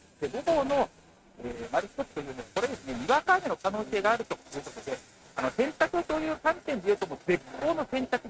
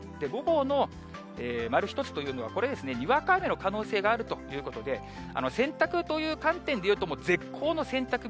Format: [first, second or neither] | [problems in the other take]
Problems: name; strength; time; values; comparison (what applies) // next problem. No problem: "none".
second | noise reduction (neural mask model RNNoise)